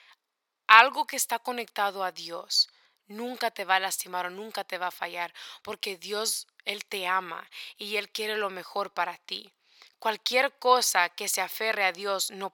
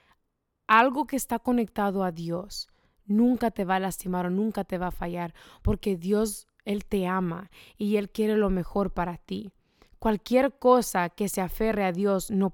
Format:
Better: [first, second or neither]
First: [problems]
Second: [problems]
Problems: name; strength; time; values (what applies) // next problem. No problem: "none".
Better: second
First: thin; very; fading below 800 Hz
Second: none